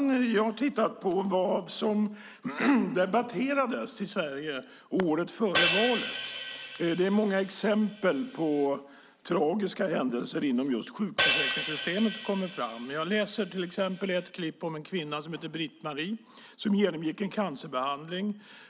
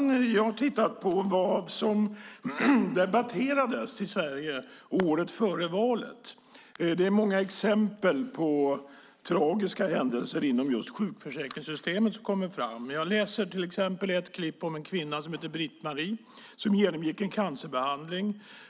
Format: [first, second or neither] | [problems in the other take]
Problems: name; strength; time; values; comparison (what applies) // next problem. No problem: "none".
second | background sound (Hi-hat); 4 dB below the speech